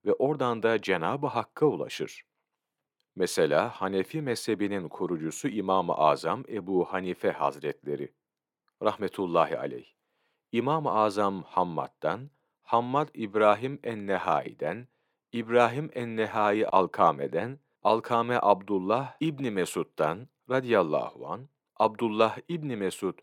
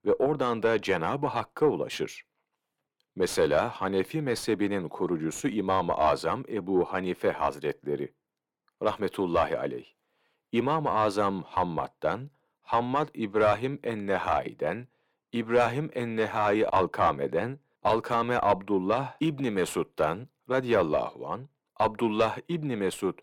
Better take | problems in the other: first | distortion; slight; 10 dB below the speech

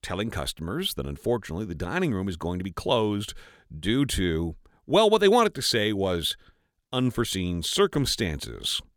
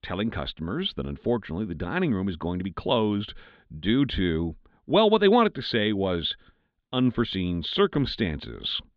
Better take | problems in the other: first | muffled; slightly; fading above 3.5 kHz

